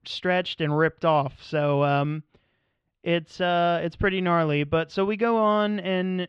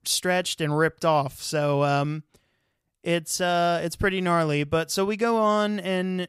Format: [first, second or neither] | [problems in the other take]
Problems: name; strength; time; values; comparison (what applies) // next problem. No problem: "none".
second | muffled; slightly; fading above 3 kHz